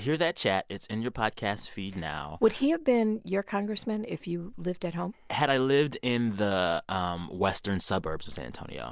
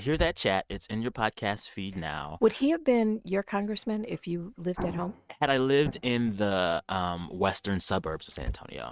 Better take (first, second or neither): first